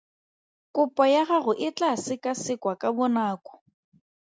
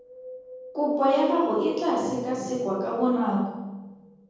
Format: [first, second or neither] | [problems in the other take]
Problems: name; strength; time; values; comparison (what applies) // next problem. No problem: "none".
first | background sound (Wind); 14 dB below the speech // room echo; dies away in 1.3 s